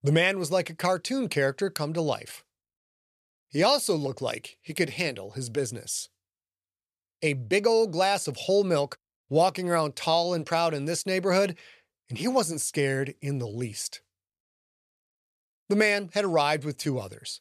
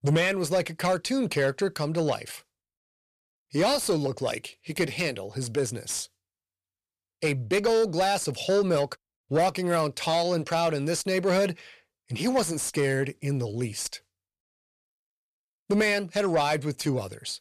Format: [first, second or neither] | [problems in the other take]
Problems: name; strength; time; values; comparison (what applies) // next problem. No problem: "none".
first | distortion; slight; 10 dB below the speech